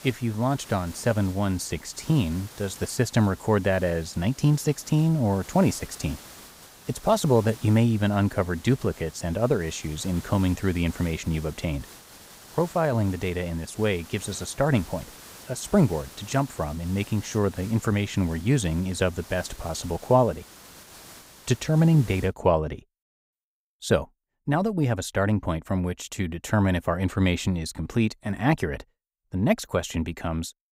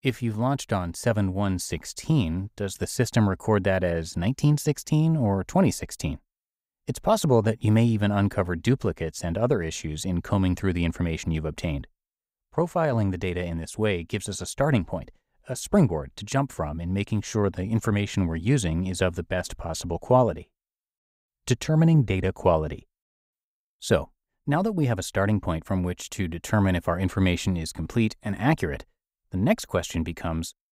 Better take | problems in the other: second | hiss; noticeable; until 22 s; 20 dB below the speech

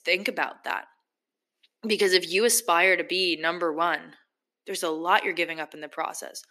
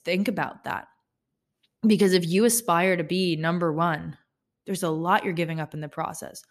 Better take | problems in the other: second | thin; somewhat; fading below 300 Hz

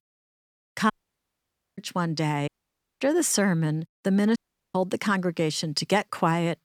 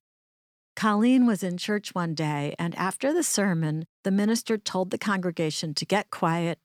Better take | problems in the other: second | audio cutting out; at 1 s for 1 s, at 2.5 s for 0.5 s and at 4.5 s

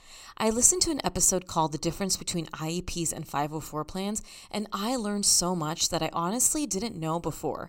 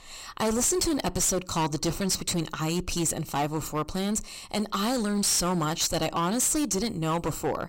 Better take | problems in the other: first | distortion; heavy; 17% of the sound clipped

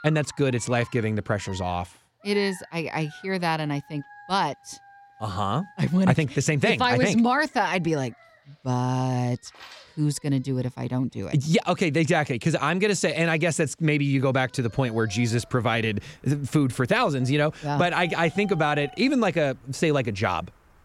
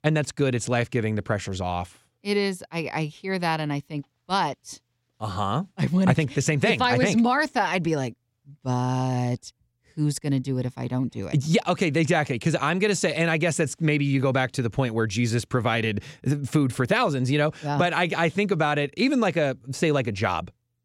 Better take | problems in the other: second | animal sounds; faint; throughout; 25 dB below the speech

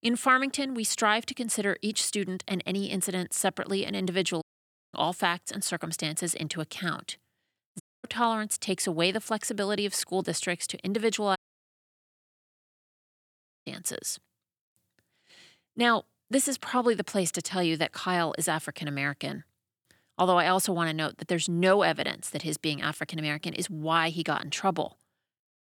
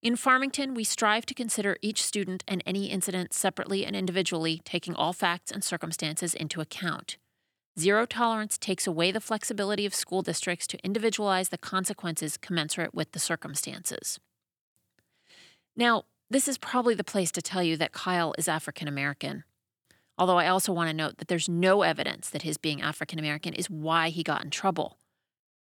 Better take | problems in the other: second | audio cutting out; at 4.5 s for 0.5 s, at 8 s and at 11 s for 2.5 s

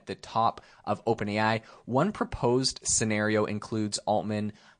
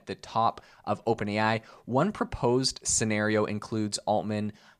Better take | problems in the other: second | garbled, watery; slightly; nothing above 9.5 kHz

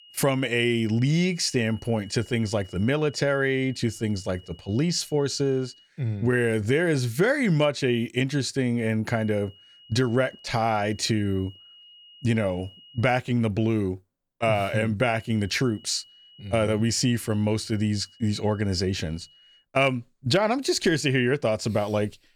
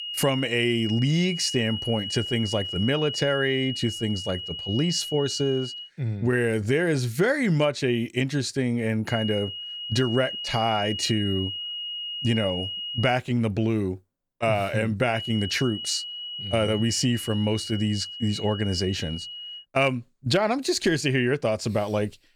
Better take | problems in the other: first | high-pitched whine; loud; until 6 s, from 9 to 13 s and from 15 to 20 s; 3 kHz, 6 dB below the speech; faint in the first

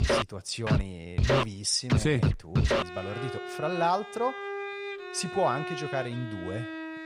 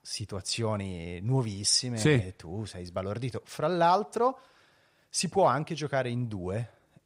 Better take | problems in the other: second | background music; loud; throughout; as loud as the speech

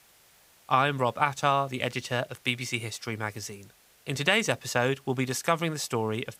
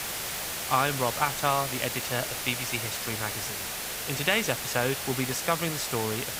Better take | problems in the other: first | hiss; loud; throughout; 2 dB below the speech; faint in the first

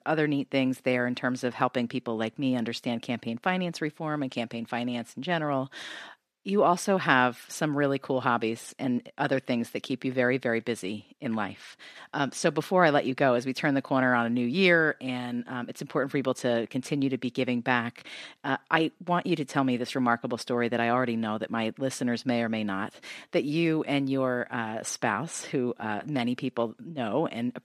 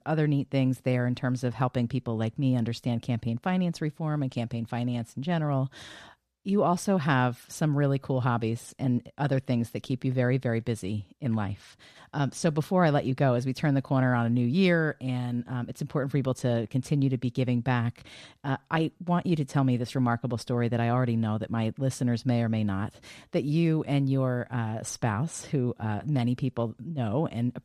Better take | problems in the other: second | thin; very slightly; fading below 300 Hz

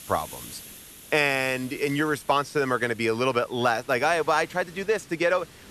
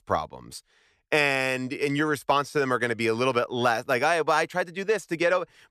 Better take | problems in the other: second | hiss; noticeable; throughout; 20 dB below the speech

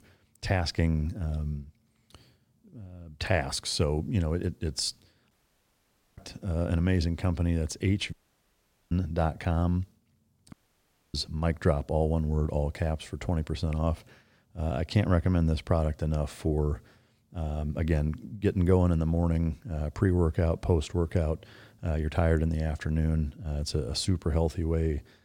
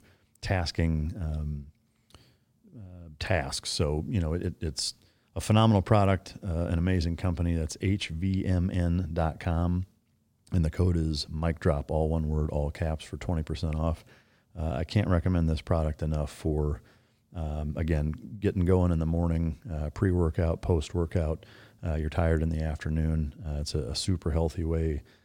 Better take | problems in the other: second | audio cutting out; at 5.5 s for 1 s, at 8 s for 1 s and at 11 s for 0.5 s

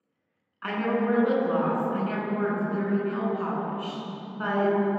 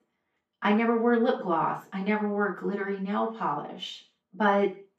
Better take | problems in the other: second | room echo; strong; dies away in 3 s; slight in the second // off-mic speech; far; far in the second

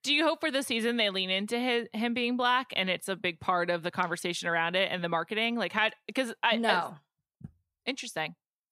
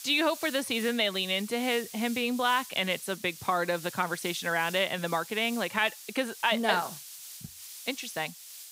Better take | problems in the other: first | hiss; noticeable; throughout; 15 dB below the speech

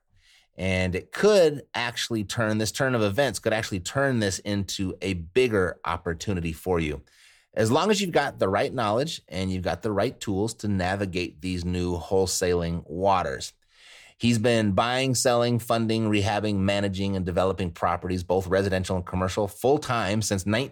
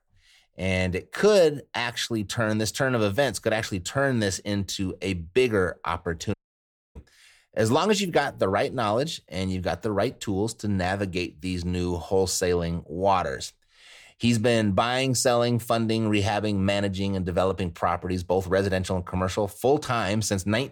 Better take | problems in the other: first | audio cutting out; at 6.5 s for 0.5 s

